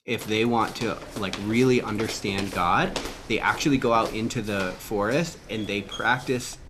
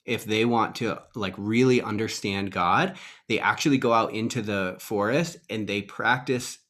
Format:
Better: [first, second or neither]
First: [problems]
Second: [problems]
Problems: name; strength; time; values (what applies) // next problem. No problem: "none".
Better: second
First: footsteps; noticeable; peak 7 dB below the speech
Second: none